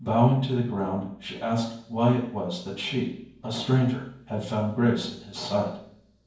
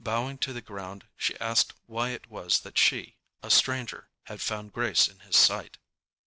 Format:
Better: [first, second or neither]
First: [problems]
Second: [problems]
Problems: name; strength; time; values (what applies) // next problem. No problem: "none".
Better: second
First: room echo; dies away in 0.9 s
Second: none